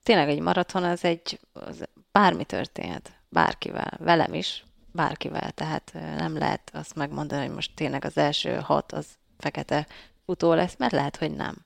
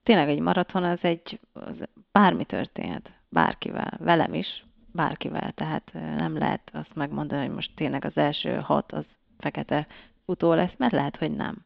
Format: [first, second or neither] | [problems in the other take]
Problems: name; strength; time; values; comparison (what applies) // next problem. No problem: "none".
first | muffled; very; fading above 3.5 kHz